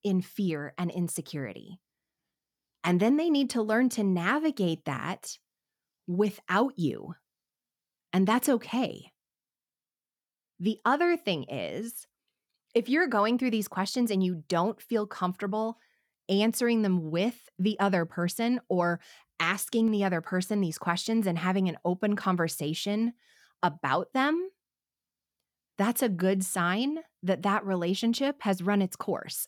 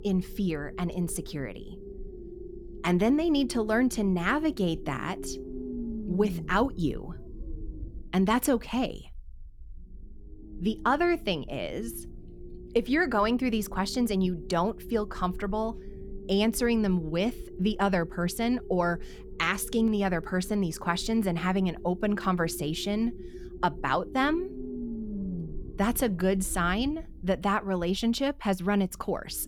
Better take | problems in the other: first | low rumble; noticeable; throughout; 15 dB below the speech

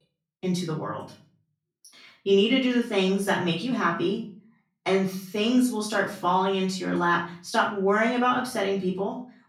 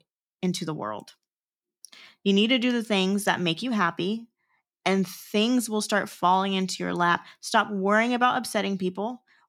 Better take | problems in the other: second | off-mic speech; far // room echo; slight; dies away in 0.5 s

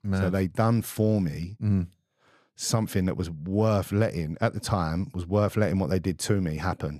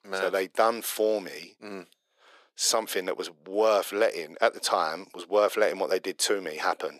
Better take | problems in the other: first | thin; very; fading below 400 Hz

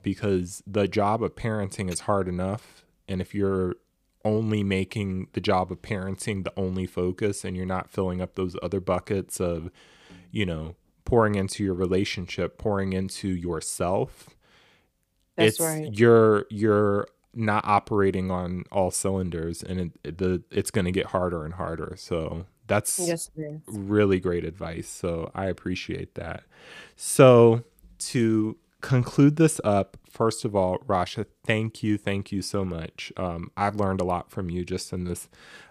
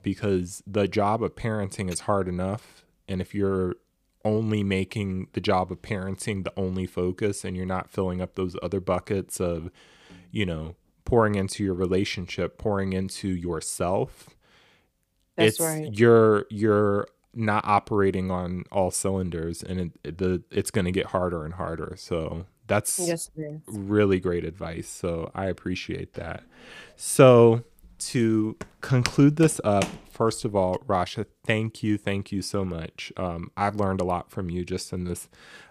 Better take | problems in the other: first | footsteps; noticeable; from 29 to 30 s; peak 6 dB below the speech

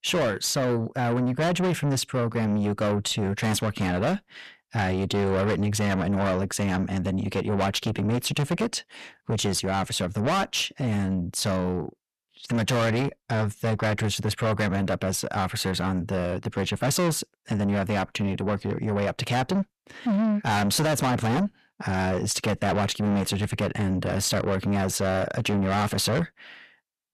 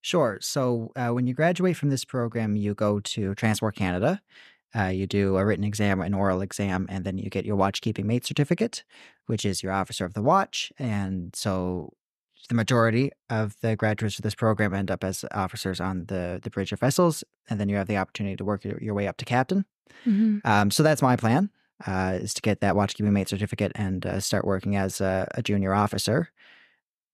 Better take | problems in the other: second | distortion; heavy; 6 dB below the speech

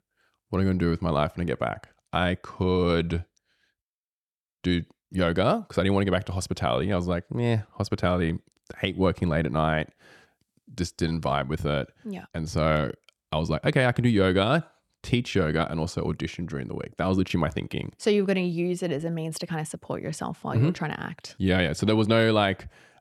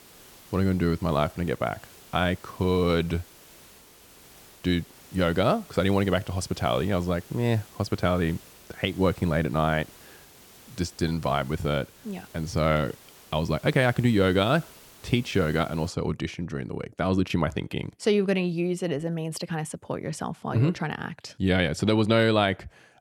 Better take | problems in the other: first | hiss; faint; until 16 s; 20 dB below the speech

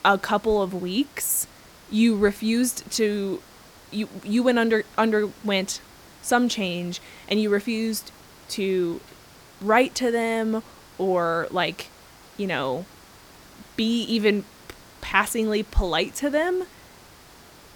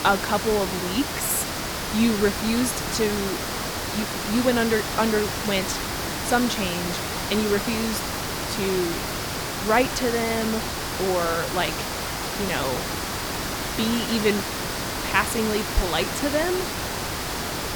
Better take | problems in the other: first | hiss; loud; throughout; 2 dB below the speech; faint in the first

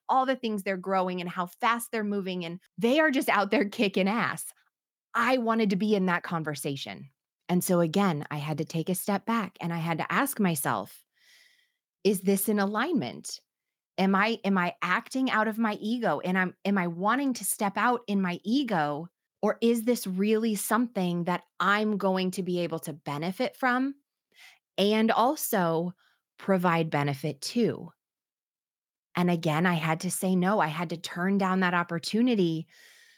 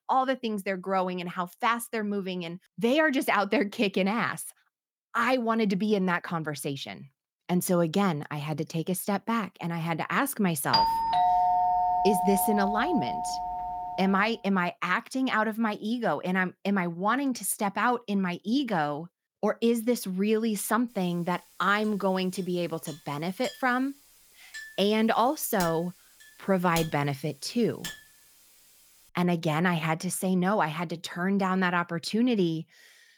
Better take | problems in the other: first | doorbell; loud; from 11 to 14 s; peak 5 dB above the speech // clattering dishes; noticeable; from 22 to 28 s; peak 9 dB below the speech

